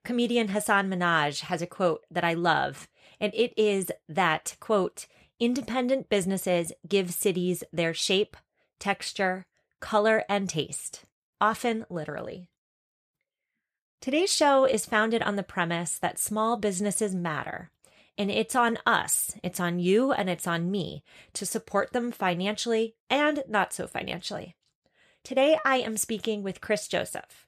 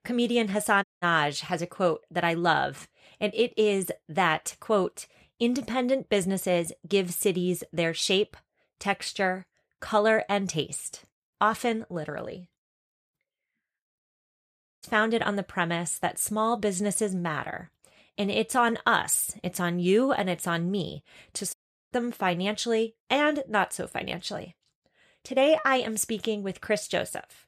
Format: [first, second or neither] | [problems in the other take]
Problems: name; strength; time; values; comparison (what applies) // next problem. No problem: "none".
first | audio cutting out; at 1 s, at 14 s for 1 s and at 22 s